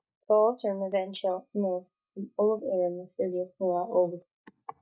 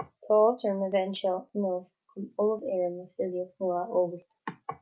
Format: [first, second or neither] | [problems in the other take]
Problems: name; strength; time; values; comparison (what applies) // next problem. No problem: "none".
second | noise reduction (neural mask model DeepFilterNet 3)